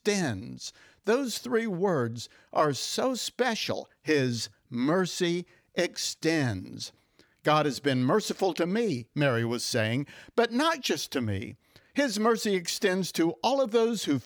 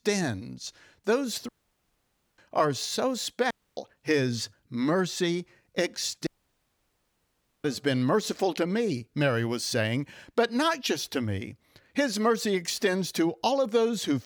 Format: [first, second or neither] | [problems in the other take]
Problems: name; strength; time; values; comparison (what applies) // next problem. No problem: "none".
first | audio cutting out; at 1.5 s for 1 s, at 3.5 s and at 6.5 s for 1.5 s